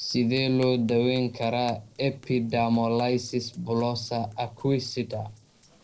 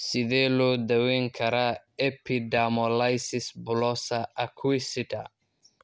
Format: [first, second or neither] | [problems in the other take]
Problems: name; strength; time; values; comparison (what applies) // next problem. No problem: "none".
second | noise reduction (neural separator model SepFormer DNS4)